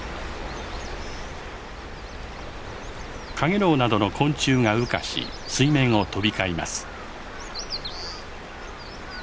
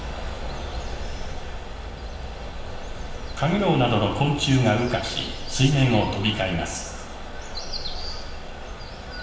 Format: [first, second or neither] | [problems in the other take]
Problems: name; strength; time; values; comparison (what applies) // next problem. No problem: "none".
first | room echo; dies away in 1 s